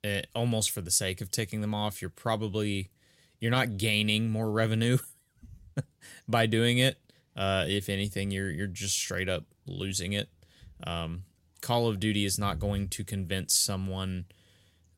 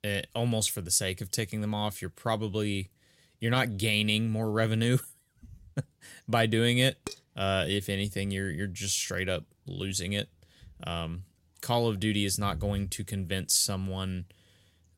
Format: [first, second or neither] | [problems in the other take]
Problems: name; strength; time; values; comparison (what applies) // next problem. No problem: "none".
first | clattering dishes; faint; at 7 s; peak 15 dB below the speech